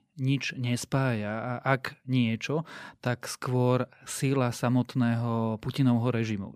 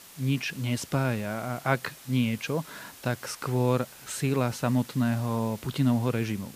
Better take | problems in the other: first | hiss; noticeable; throughout; 20 dB below the speech

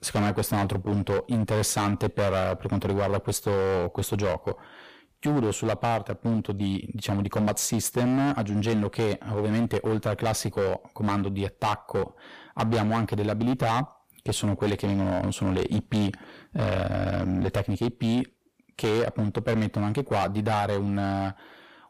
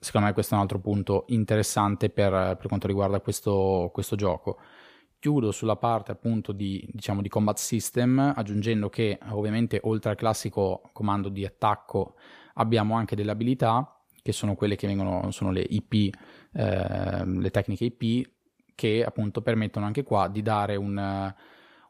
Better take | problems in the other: second | distortion; heavy; 15% of the sound clipped

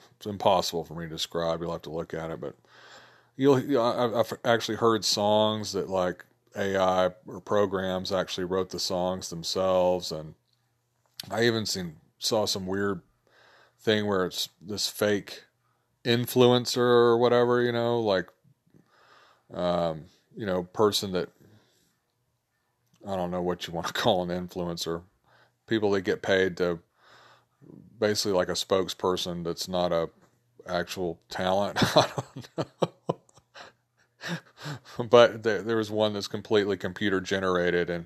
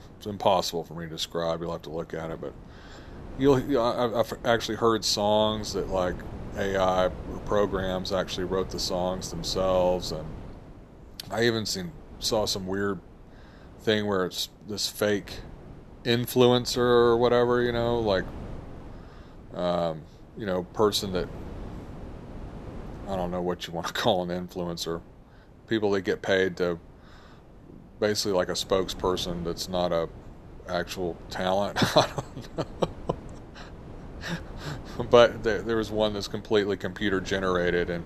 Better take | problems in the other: first | wind noise on the microphone; occasional gusts; 20 dB below the speech

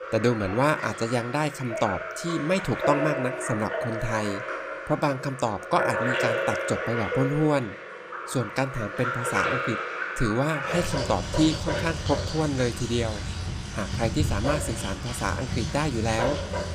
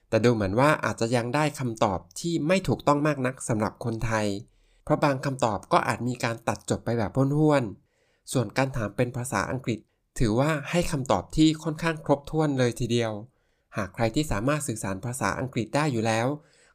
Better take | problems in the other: second | rain or running water; loud; throughout; 3 dB below the speech

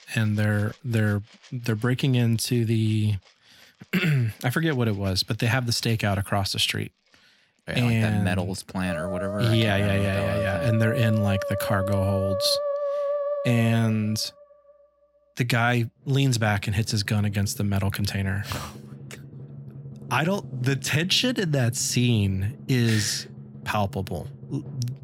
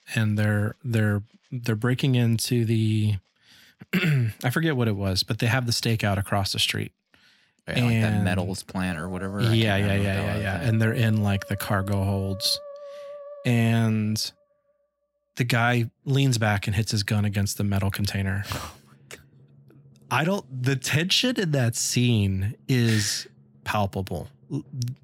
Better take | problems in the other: second | background music; loud; throughout; 9 dB below the speech; faint in the second

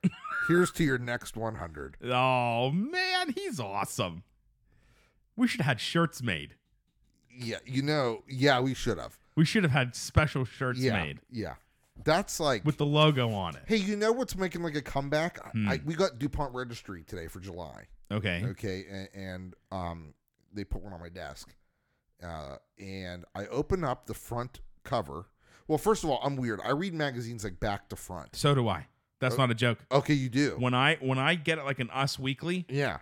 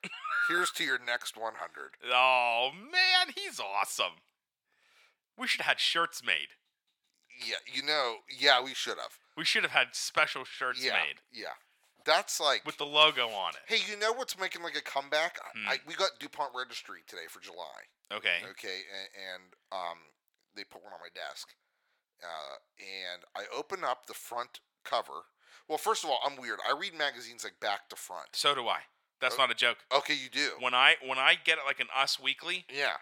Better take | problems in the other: first | thin; very; fading below 800 Hz

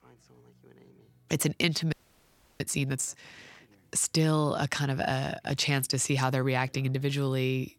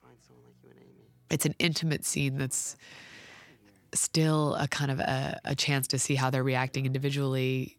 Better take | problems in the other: second | audio freezing; at 2 s for 0.5 s

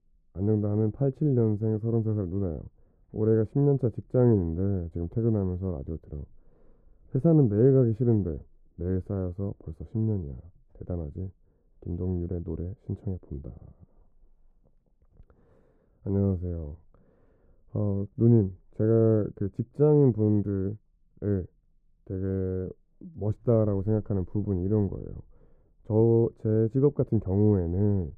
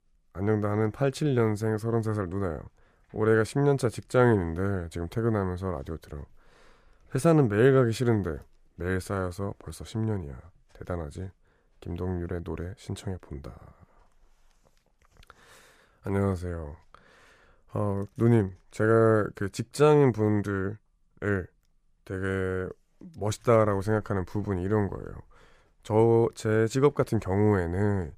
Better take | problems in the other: second | muffled; very; fading above 1 kHz

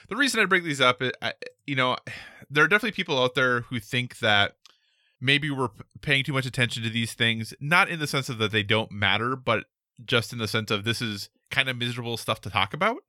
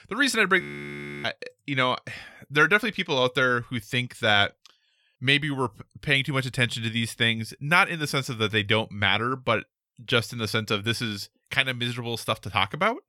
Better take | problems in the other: first | audio freezing; at 0.5 s for 0.5 s

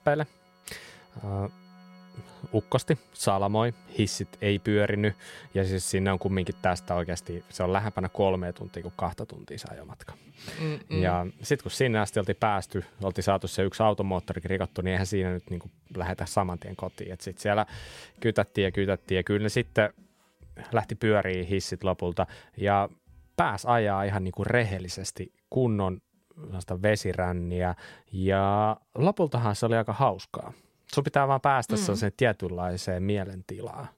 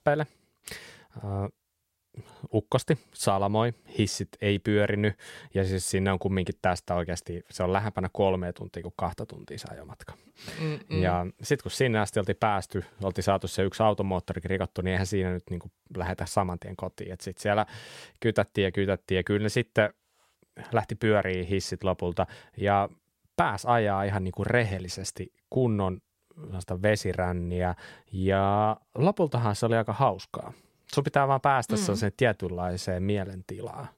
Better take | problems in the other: second | background music; faint; throughout; 30 dB below the speech

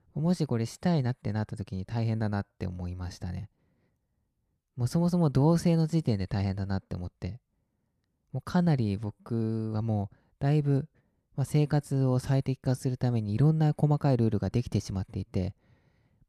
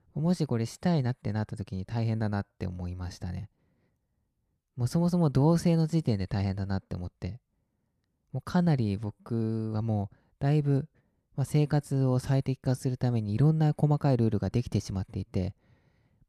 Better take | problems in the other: neither | none

